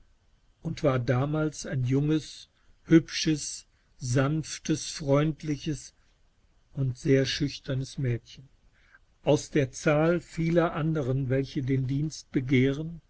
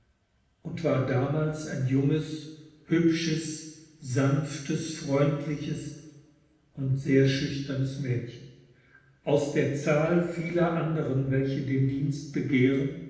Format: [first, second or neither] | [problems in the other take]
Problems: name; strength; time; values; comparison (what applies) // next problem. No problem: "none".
first | room echo; dies away in 0.9 s